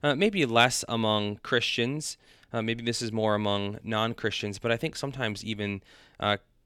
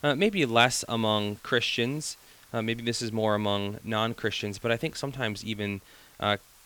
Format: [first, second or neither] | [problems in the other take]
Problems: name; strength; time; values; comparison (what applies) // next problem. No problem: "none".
first | hiss; faint; throughout; 25 dB below the speech